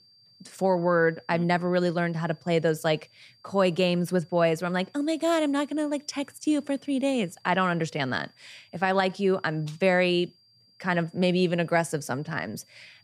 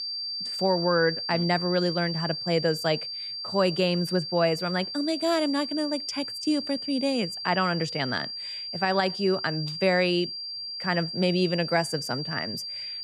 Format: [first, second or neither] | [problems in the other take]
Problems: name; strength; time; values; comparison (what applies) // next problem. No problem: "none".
first | high-pitched whine; loud; throughout; 4.5 kHz, 5 dB below the speech; faint in the first